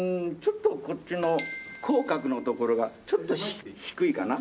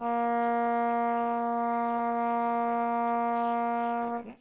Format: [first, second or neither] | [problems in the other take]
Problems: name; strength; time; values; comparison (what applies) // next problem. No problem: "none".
first | noise reduction (neural separator model SepFormer WHAMR!)